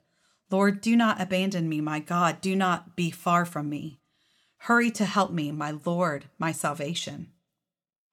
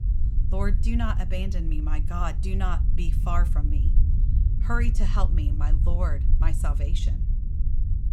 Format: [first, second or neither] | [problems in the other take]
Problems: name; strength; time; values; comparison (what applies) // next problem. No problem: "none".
first | low rumble; loud; throughout; 9 dB below the speech